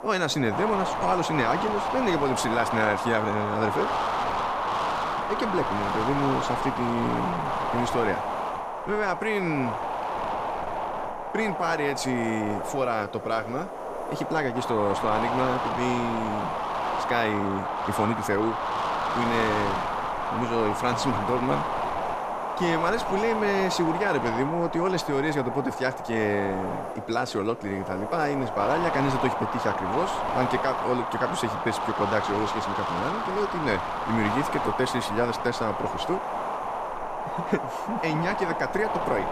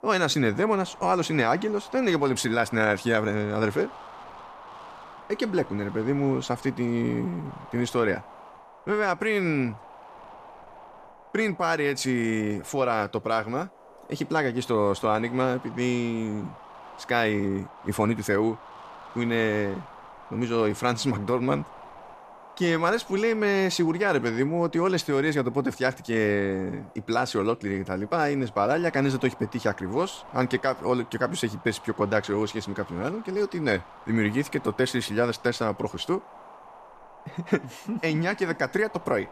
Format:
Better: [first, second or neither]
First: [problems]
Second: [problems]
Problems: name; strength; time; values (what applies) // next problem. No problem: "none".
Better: second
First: wind noise on the microphone; heavy; 1 dB above the speech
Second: wind noise on the microphone; occasional gusts; 15 dB below the speech